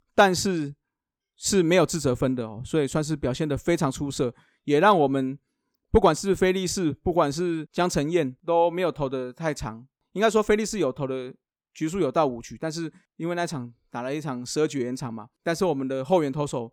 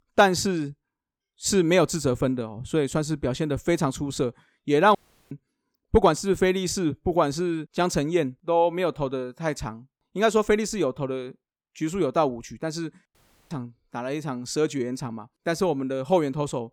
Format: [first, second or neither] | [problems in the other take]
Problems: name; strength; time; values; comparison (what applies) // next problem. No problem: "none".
first | audio cutting out; at 5 s and at 13 s